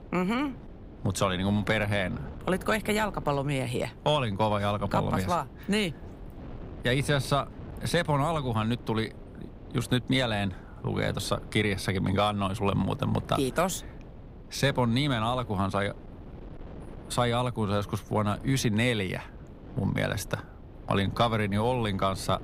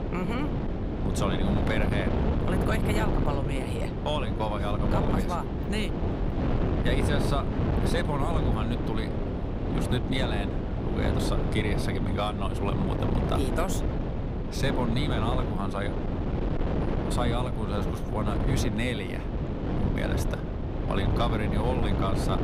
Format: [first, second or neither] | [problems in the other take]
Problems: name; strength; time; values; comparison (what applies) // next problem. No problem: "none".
first | wind noise on the microphone; heavy; 1 dB below the speech; occasional gusts in the first